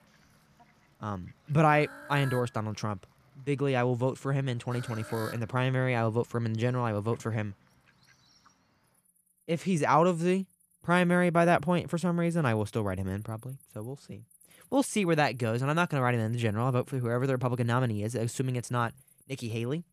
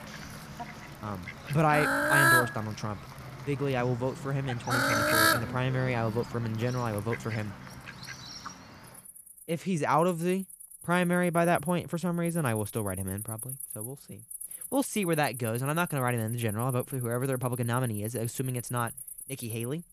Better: first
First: animal sounds; faint; throughout; 25 dB below the speech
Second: animal sounds; loud; throughout; 2 dB below the speech

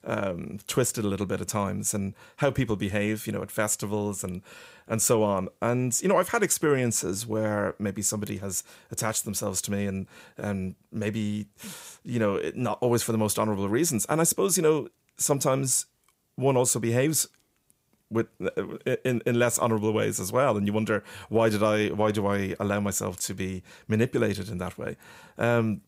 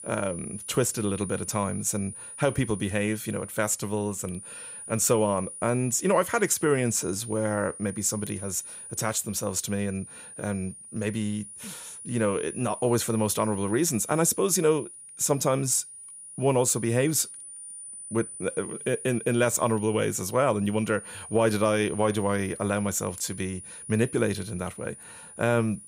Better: first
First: none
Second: high-pitched whine; noticeable; throughout; 9.5 kHz, 10 dB below the speech

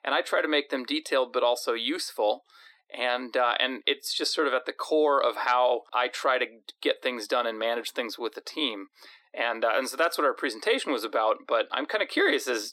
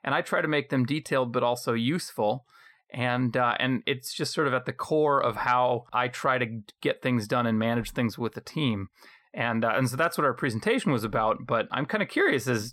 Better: second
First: thin; somewhat; fading below 300 Hz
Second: none

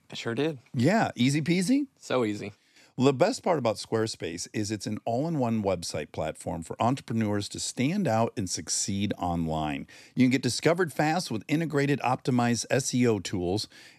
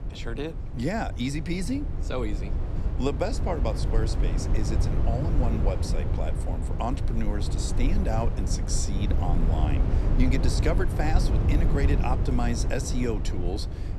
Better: first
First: none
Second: low rumble; loud; throughout; 6 dB below the speech

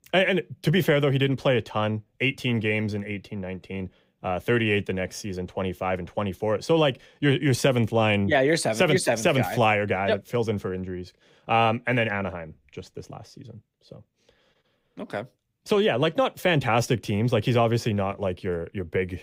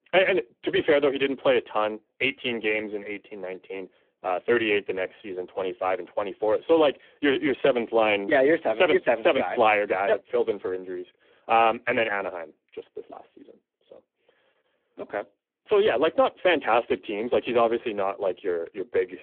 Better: first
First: none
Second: phone-call audio; poor line

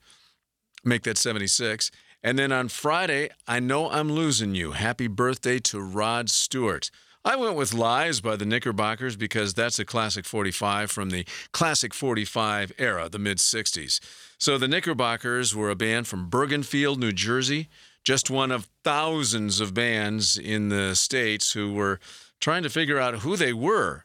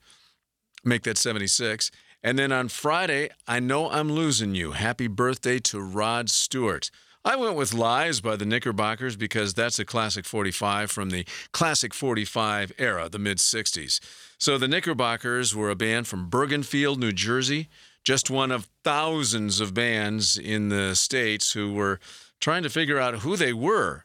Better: neither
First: none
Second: none

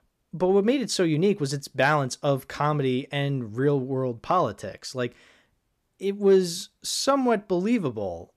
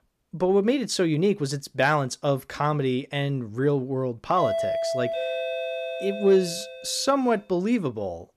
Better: first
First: none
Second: doorbell; noticeable; from 4.5 to 7 s; peak 1 dB below the speech

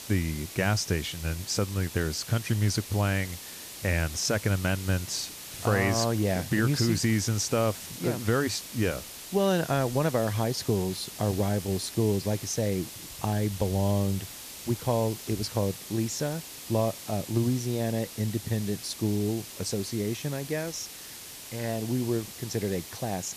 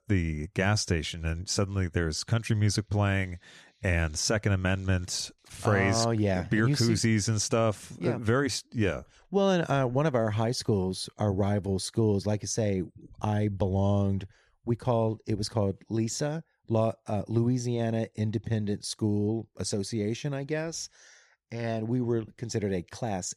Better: second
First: hiss; noticeable; throughout; 10 dB below the speech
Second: none

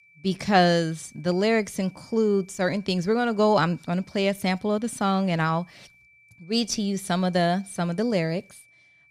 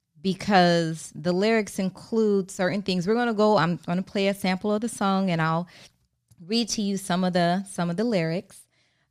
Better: second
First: high-pitched whine; faint; throughout; 2.5 kHz, 30 dB below the speech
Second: none

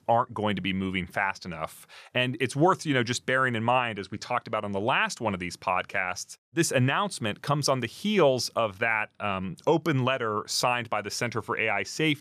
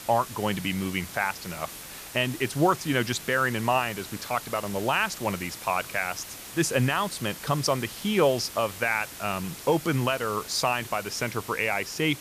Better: first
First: none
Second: hiss; noticeable; throughout; 10 dB below the speech

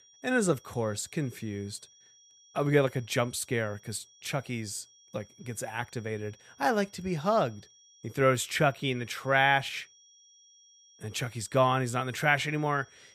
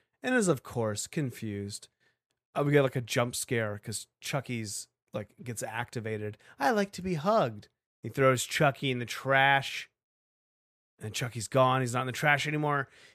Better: second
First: high-pitched whine; faint; throughout; 5.5 kHz, 25 dB below the speech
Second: none

